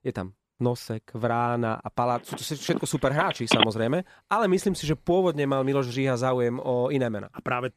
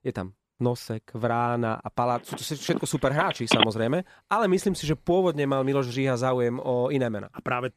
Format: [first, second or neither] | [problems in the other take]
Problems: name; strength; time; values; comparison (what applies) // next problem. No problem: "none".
neither | phone ringing; loud; from 2.5 to 3.5 s; peak 4 dB above the speech; the same in both